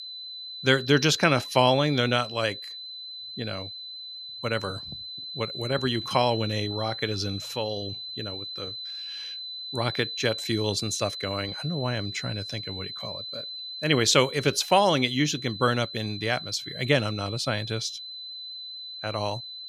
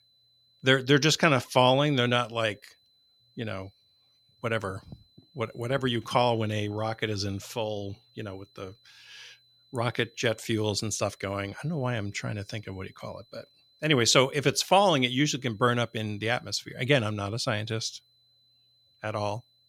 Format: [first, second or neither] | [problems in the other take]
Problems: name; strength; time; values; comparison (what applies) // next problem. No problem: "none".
second | high-pitched whine; loud; throughout; 4 kHz, 9 dB below the speech; faint in the second